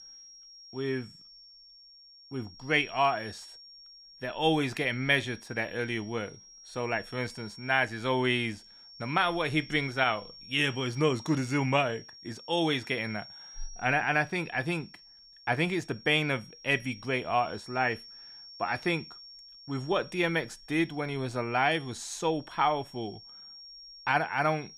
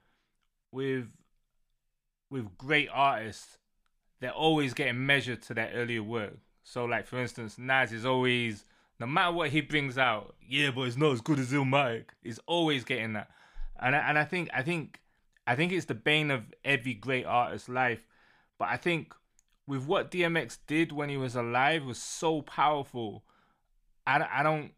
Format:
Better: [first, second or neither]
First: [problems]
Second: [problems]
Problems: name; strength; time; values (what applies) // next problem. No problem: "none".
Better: second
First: high-pitched whine; noticeable; throughout; 5.5 kHz, 20 dB below the speech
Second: none